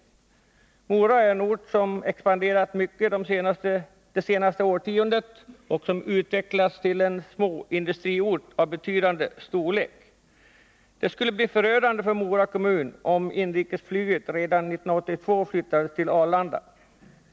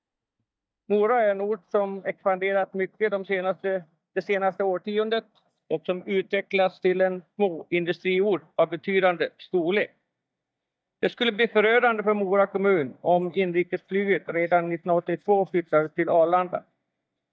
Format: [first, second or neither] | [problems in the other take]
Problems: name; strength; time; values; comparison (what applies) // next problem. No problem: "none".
first | noise reduction (neural mask model DeepFilterNet 3)